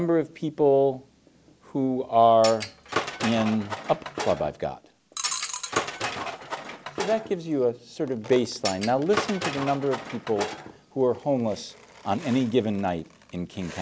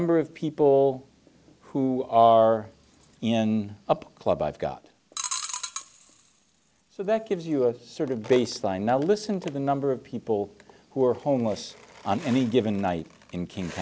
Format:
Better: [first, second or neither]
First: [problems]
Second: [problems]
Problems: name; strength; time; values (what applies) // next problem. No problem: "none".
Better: second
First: background sound (Tools); 7 dB below the speech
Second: none